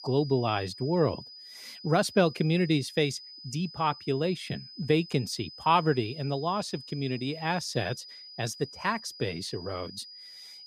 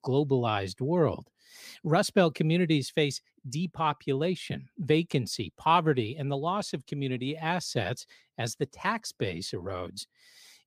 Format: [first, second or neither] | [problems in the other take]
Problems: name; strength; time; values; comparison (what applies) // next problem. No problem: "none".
second | high-pitched whine; noticeable; throughout; 5 kHz, 15 dB below the speech